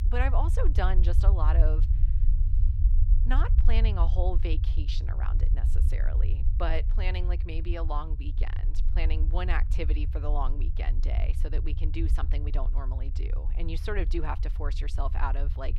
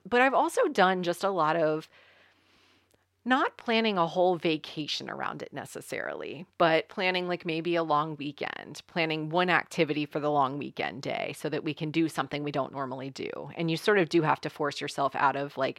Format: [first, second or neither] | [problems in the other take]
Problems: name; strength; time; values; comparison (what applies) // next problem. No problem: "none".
second | low rumble; noticeable; throughout; 10 dB below the speech